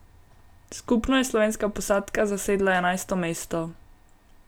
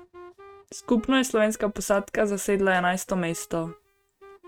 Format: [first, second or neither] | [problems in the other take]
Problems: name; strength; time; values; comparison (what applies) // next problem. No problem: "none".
first | noise reduction (neural mask model RNNoise)